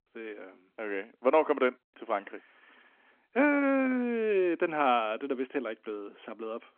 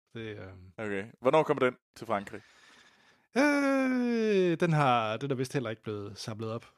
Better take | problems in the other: second | phone-call audio

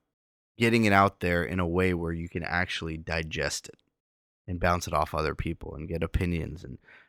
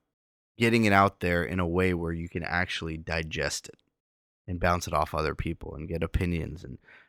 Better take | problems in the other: neither | none

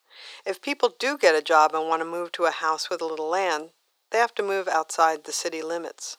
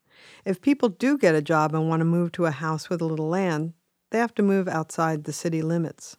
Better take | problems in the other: second | thin; very; fading below 450 Hz

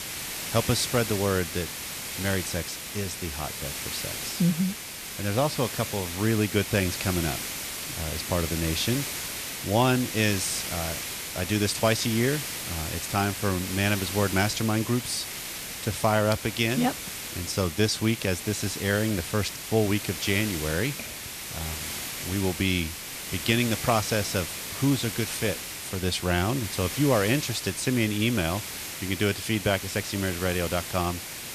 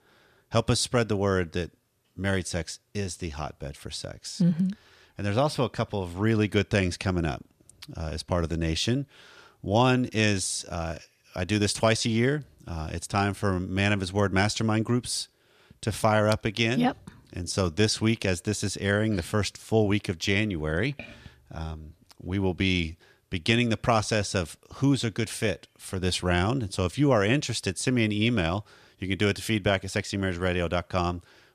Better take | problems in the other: second | hiss; loud; throughout; 5 dB below the speech

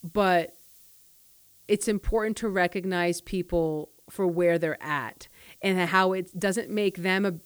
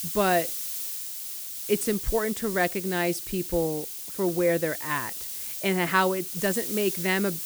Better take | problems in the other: first | hiss; loud; throughout; 5 dB below the speech; faint in the first

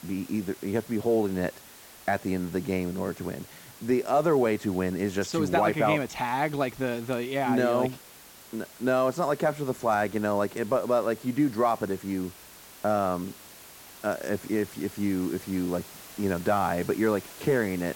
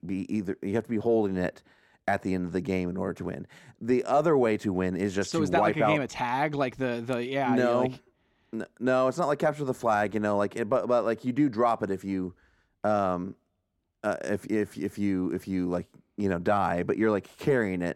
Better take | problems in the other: second | hiss; noticeable; throughout; 20 dB below the speech

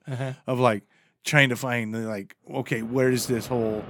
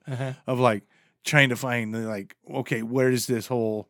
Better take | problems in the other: second | machinery noise; noticeable; from 3 s on; 20 dB below the speech

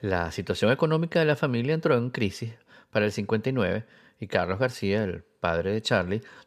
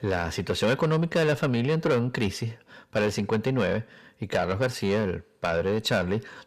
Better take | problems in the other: first | distortion; slight; 10 dB below the speech

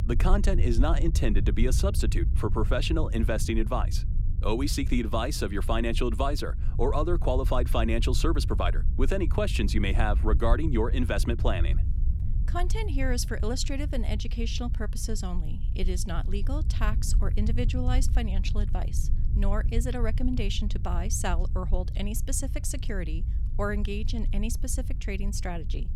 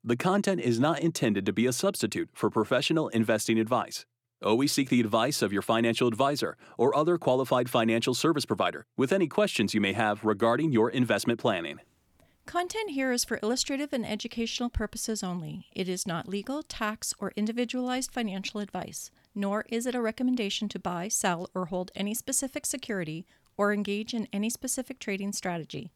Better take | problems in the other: second | low rumble; noticeable; throughout; 15 dB below the speech

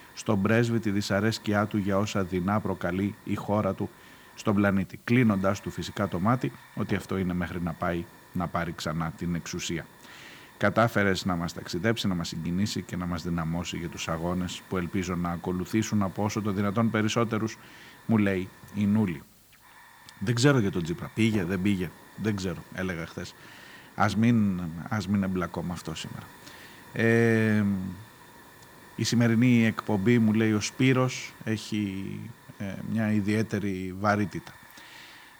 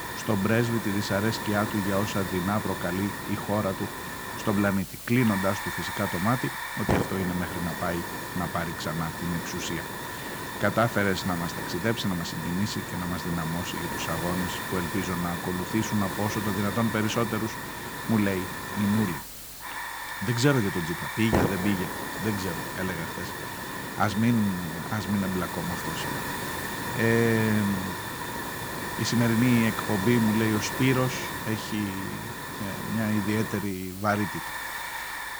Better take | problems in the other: first | hiss; loud; throughout; 4 dB below the speech; faint in the first

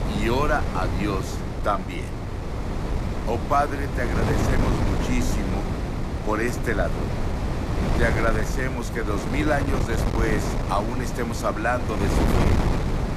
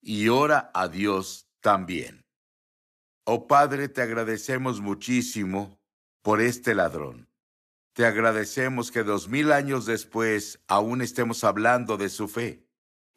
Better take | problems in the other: second | wind noise on the microphone; heavy; 4 dB below the speech

